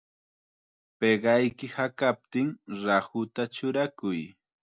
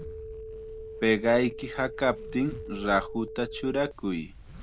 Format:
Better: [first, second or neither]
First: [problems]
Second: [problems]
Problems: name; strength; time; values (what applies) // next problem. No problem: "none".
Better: first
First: none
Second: background sound (Telephone + Zipper (clothing)); 11 dB below the speech